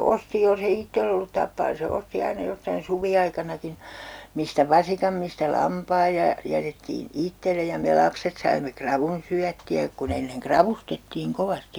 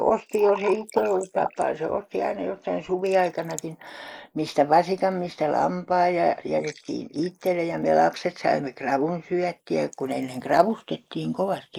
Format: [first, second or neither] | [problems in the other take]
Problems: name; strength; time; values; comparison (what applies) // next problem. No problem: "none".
first | noise reduction (neural mask model Resemble Enhance denoiser)